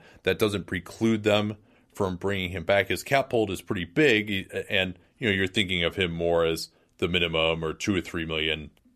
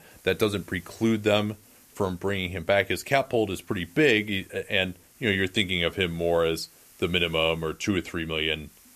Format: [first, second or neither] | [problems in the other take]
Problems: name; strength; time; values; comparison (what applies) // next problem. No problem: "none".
first | hiss; faint; throughout; 25 dB below the speech